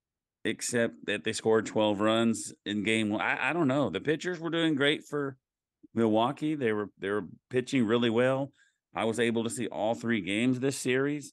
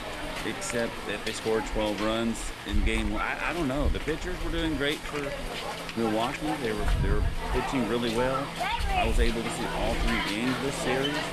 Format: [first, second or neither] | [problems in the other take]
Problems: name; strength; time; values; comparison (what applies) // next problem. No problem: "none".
first | hiss; loud; throughout; 1 dB below the speech